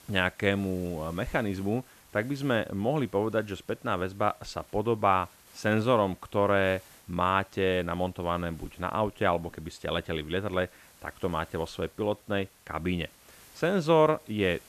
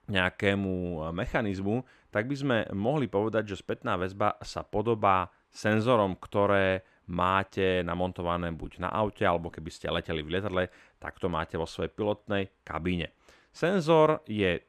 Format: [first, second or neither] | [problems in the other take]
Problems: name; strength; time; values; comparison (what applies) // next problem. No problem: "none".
second | hiss; faint; throughout; 25 dB below the speech